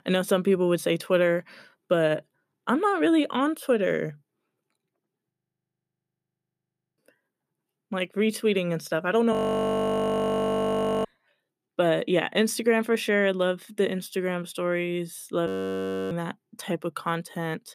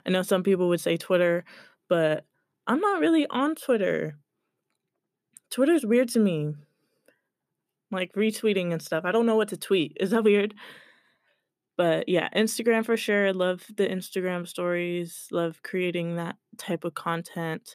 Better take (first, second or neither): second